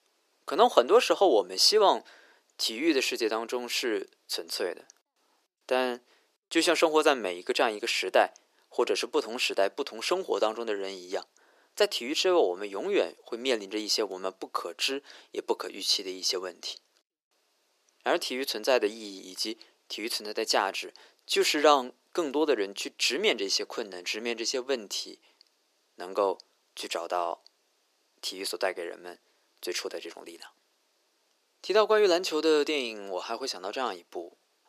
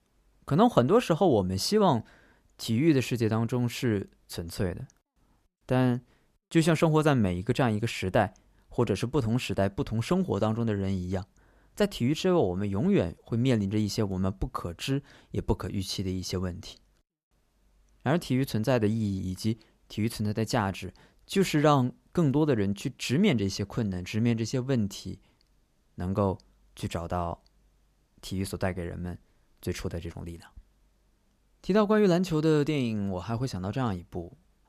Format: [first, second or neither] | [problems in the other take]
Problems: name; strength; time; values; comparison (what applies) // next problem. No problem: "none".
second | thin; very; fading below 350 Hz